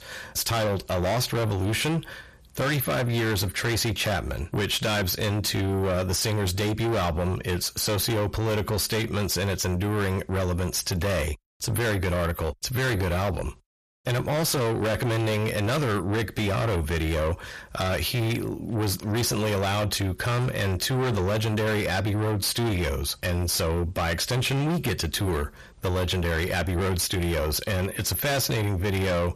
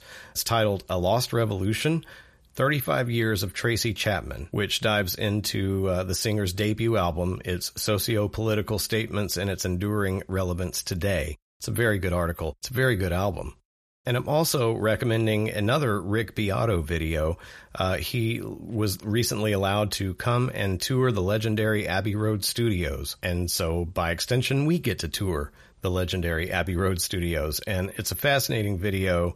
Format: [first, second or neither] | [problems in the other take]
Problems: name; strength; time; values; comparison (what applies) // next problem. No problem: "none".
second | distortion; heavy; 7 dB below the speech